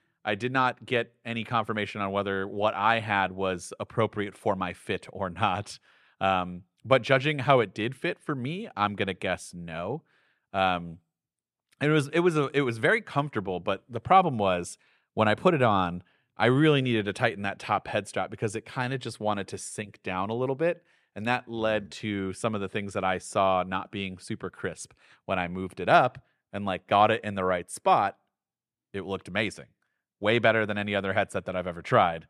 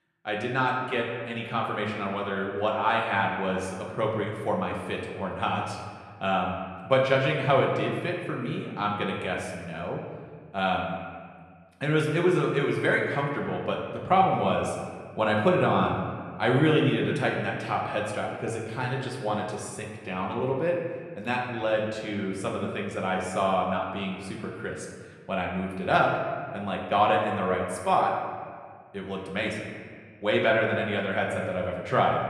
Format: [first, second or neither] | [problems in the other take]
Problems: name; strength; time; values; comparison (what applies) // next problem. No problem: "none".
first | room echo; noticeable; dies away in 1.5 s // off-mic speech; somewhat distant